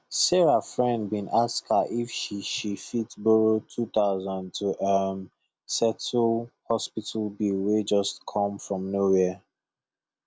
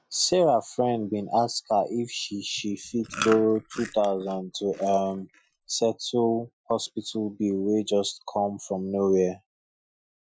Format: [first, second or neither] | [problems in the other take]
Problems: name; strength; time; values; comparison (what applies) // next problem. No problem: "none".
first | noise reduction (classical method Wiener filter)